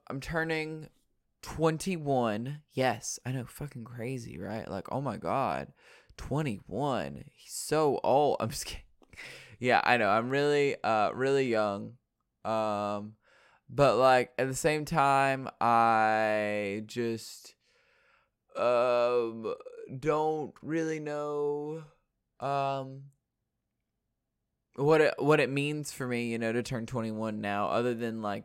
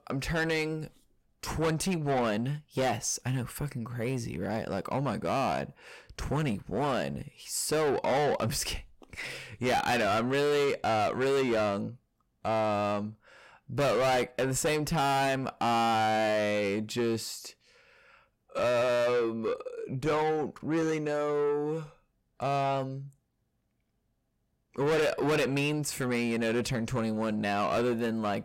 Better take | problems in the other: first | distortion; heavy; 6 dB below the speech

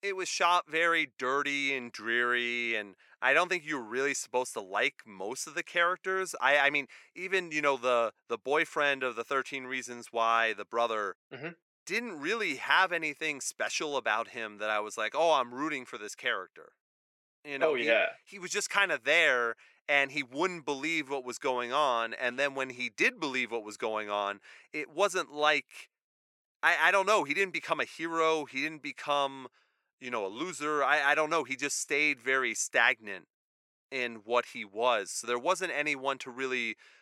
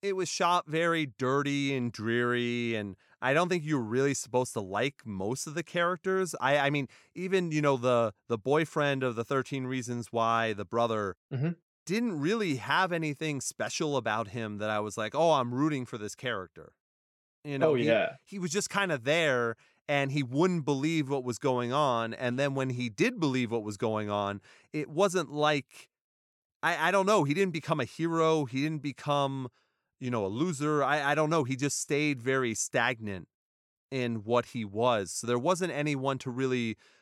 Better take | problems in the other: second | thin; somewhat; fading below 450 Hz

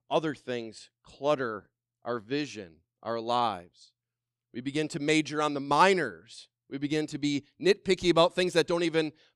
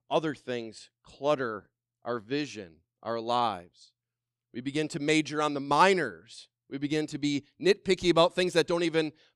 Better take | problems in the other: neither | none

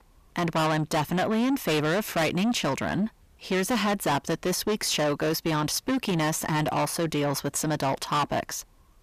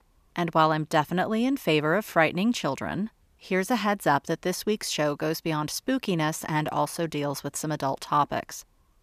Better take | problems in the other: second | distortion; heavy; 6 dB below the speech

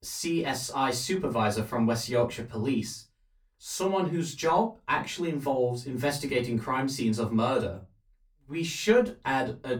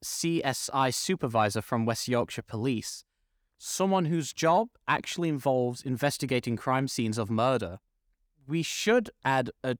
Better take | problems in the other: second | off-mic speech; far // room echo; very slight; dies away in 0.2 s

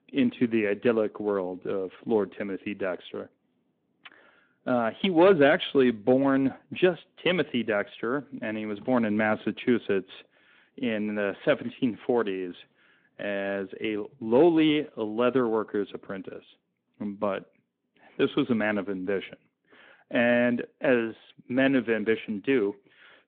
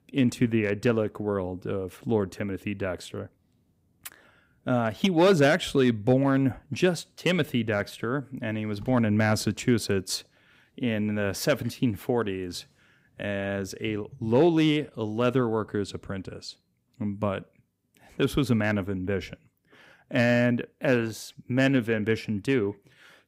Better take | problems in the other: second | phone-call audio

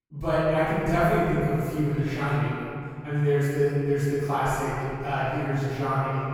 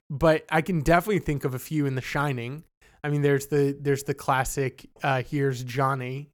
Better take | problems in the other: second | room echo; strong; dies away in 2.3 s // off-mic speech; far

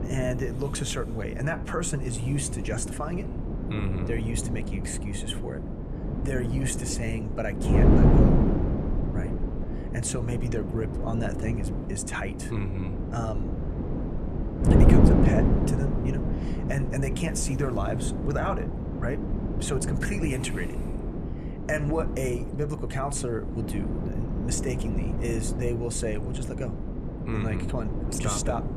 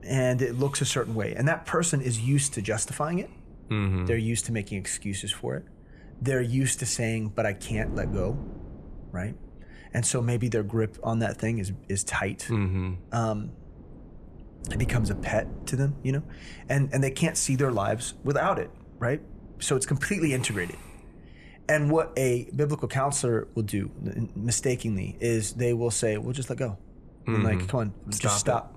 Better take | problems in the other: second | wind noise on the microphone; heavy; 1 dB below the speech; occasional gusts in the second

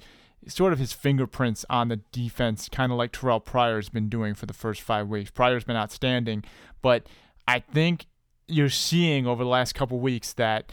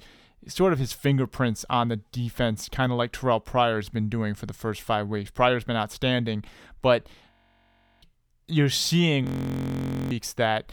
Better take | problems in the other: first | audio freezing; at 7.5 s for 0.5 s and at 9.5 s for 1 s

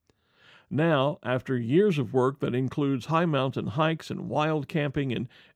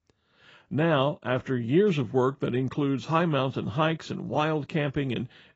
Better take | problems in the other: first | garbled, watery; badly; nothing above 7.5 kHz

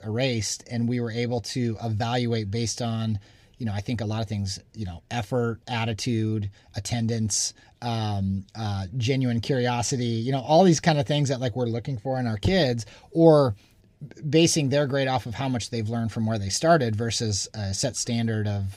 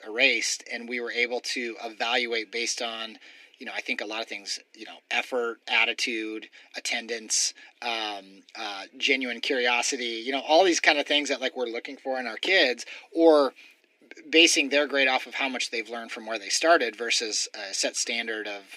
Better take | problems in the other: first | thin; somewhat; fading below 250 Hz

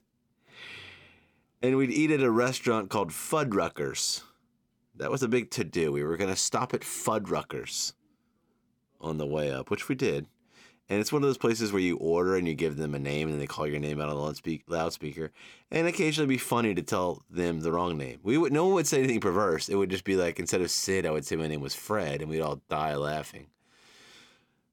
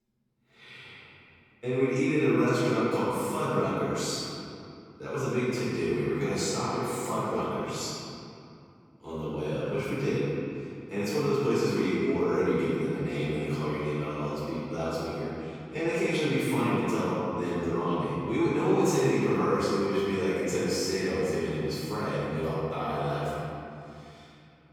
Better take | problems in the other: first | off-mic speech; far // room echo; strong; dies away in 2.6 s

